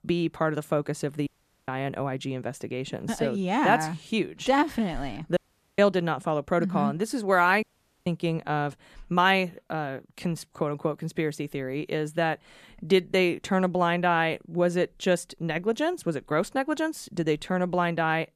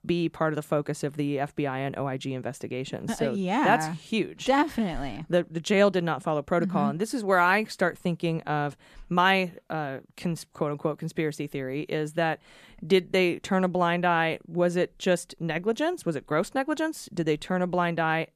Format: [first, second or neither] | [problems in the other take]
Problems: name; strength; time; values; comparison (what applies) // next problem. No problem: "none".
second | audio cutting out; at 1.5 s, at 5.5 s and at 7.5 s